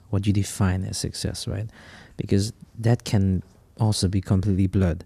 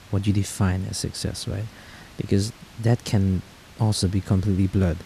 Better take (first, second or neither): first